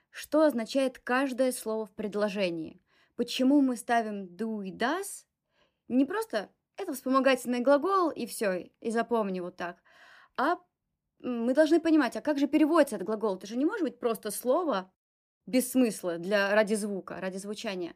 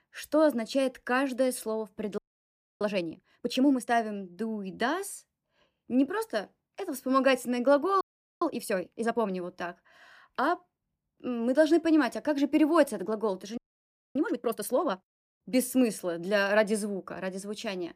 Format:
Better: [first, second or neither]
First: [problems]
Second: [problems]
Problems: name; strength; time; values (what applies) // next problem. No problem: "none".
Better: first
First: none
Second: audio freezing; at 2 s for 0.5 s, at 8 s and at 14 s for 0.5 s